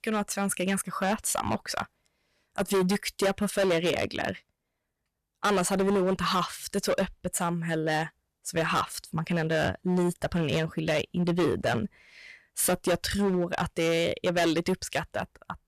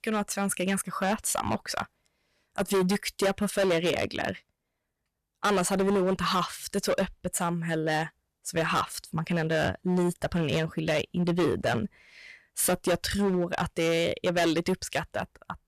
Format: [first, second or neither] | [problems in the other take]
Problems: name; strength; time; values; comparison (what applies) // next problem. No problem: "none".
neither | distortion; heavy; 11% of the sound clipped; the same in both